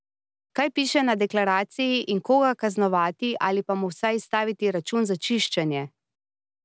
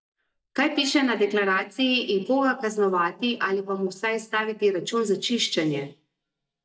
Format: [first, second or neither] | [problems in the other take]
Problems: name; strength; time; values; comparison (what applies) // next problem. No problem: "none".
first | noise reduction (neural mask model DeepFilterNet 3)